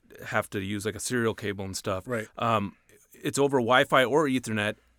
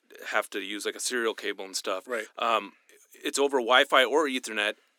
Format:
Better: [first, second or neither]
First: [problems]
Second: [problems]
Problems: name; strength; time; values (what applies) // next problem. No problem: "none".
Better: first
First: none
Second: thin; somewhat; fading below 300 Hz